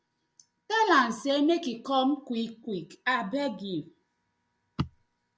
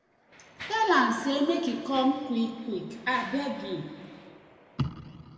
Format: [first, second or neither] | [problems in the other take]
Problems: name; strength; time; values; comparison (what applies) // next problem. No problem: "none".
first | background sound (Mechanisms); 19 dB below the speech // room echo; dies away in 2 s